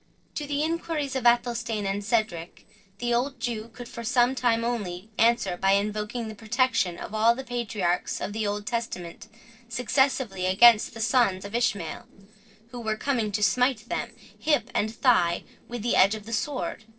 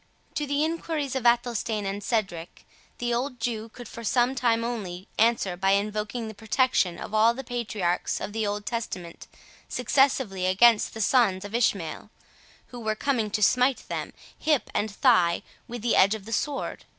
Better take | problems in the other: second | noise reduction (neural separator model SepFormer DNS4)

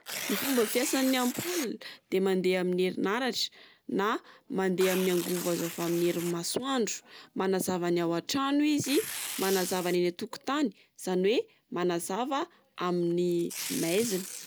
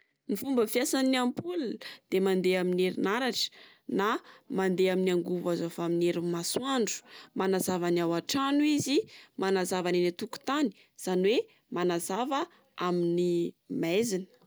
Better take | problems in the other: second | background sound (Tearing); 12 dB below the speech

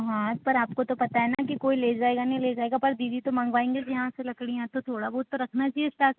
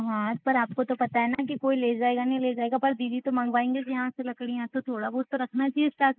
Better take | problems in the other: first | noise reduction (neural mask model Resemble Enhance denoiser)

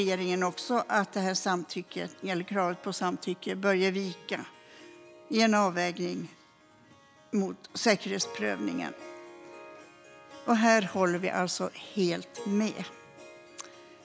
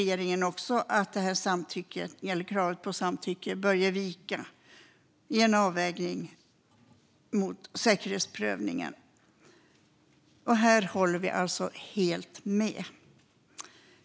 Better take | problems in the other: second | background sound (Harp); 20 dB below the speech

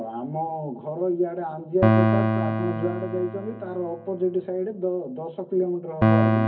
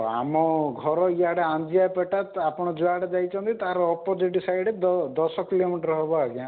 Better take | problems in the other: second | background sound (Piano); 2 dB above the speech // room echo; dies away in 0.3 s

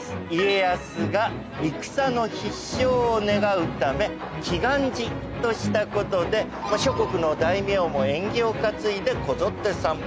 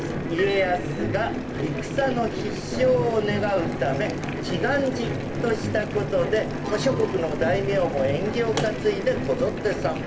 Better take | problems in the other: first | background sound (Boiling); 6 dB below the speech // room echo; dies away in 0.3 s

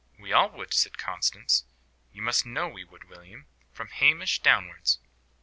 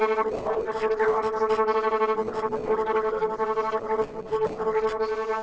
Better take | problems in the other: first | noise reduction (neural separator model SepFormer DNS4)

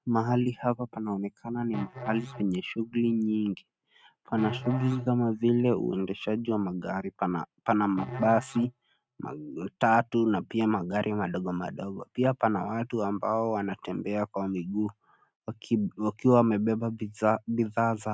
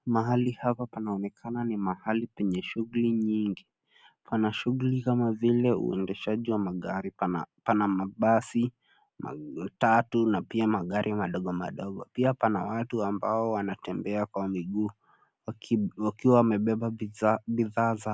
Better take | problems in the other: second | noise reduction (neural mask model RNNoise)

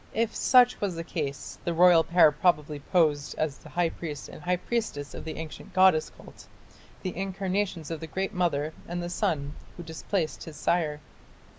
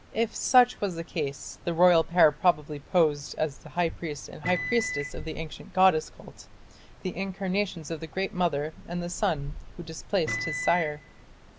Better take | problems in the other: first | background sound (Microwave oven); 6 dB below the speech

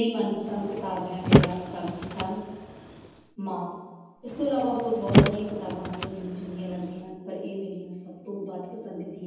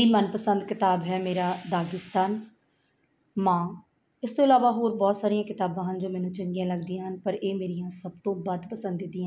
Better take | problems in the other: second | background sound (Car); 4 dB above the speech // room echo; dies away in 1.1 s

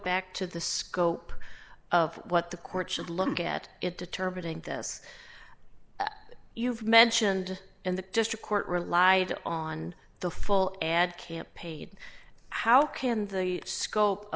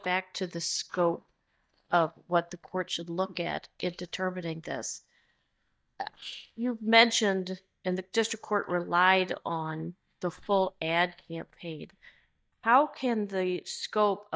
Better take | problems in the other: first | noise reduction (neural mask model DeepFilterNet 3)

